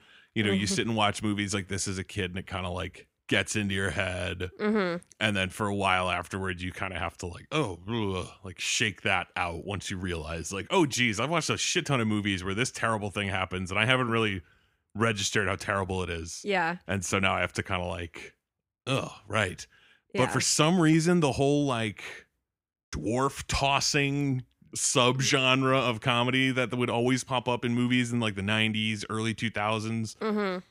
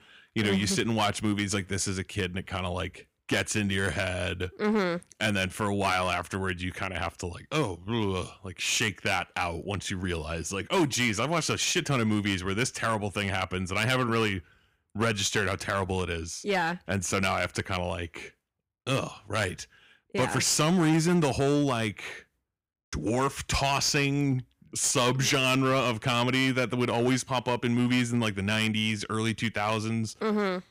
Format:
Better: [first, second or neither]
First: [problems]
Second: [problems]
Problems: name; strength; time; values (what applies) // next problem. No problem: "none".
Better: first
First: none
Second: distortion; slight; 5% of the sound clipped